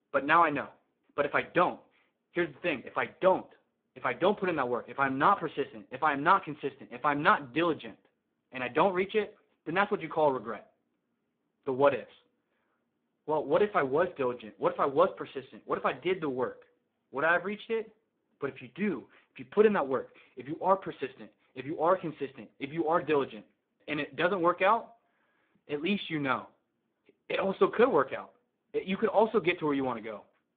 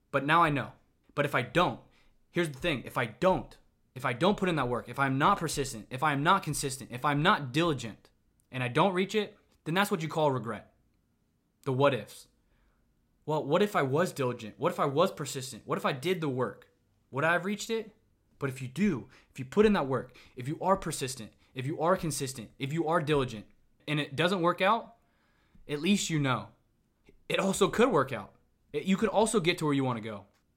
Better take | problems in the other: second | phone-call audio; poor line

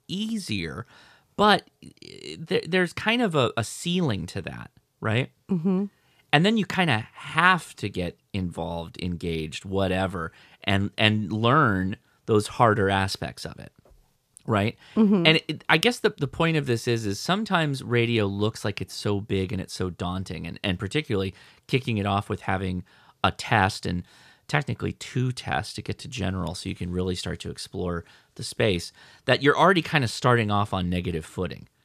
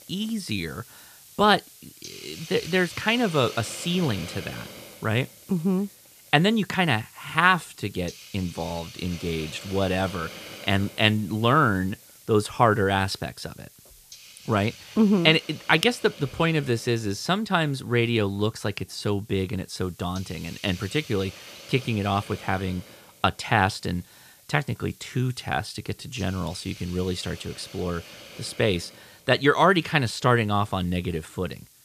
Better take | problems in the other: first | hiss; noticeable; throughout; 20 dB below the speech

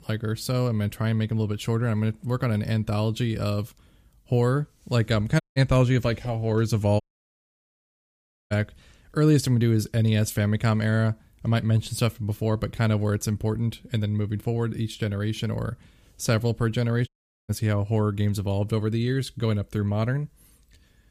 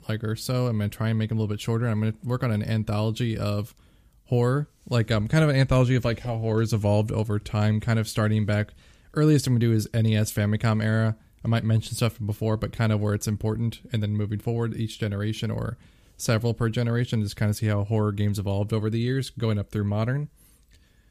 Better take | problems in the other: second | audio cutting out; at 5.5 s, at 7 s for 1.5 s and at 17 s

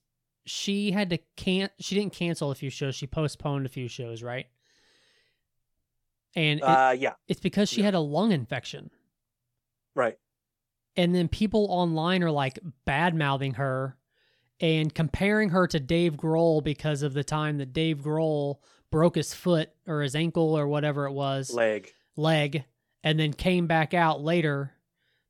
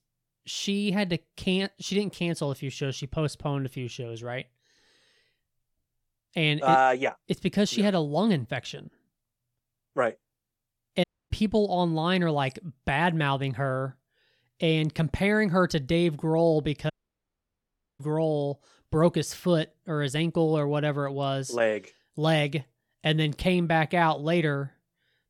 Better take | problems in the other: first | audio cutting out; at 11 s and at 17 s for 1 s

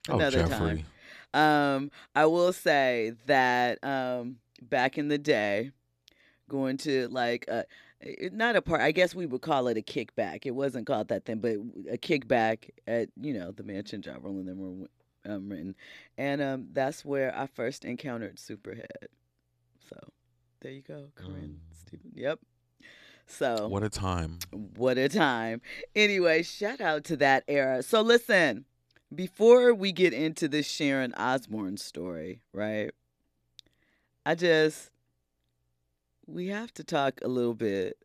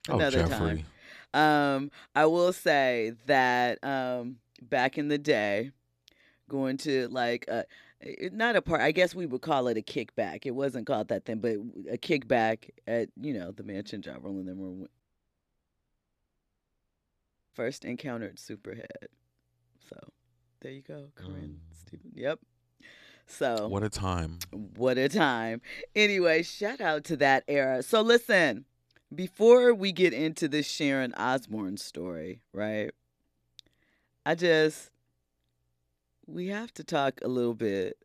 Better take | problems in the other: first | audio cutting out; at 15 s for 2.5 s

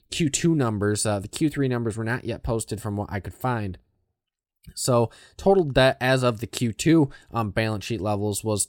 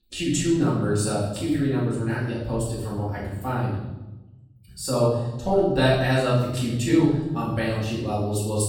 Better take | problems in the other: first | off-mic speech; far // room echo; noticeable; dies away in 1 s

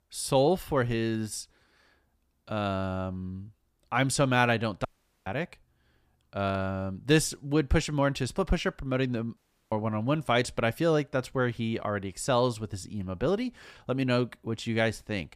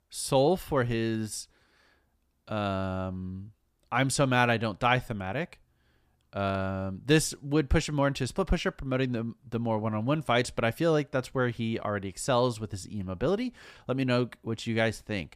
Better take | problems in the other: second | audio cutting out; at 5 s and at 9.5 s

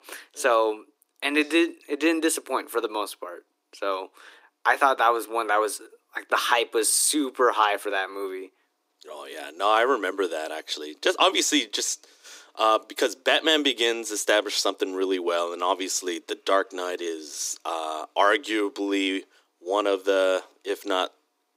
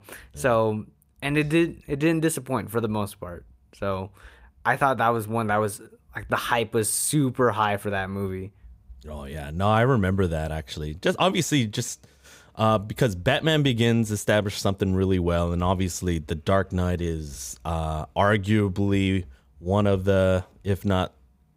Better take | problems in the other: second | thin; somewhat; fading below 300 Hz

